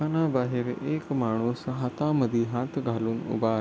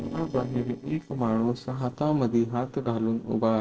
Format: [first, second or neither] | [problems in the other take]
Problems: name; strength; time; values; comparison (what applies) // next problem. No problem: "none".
first | noise reduction (neural separator model SepFormer DNS4)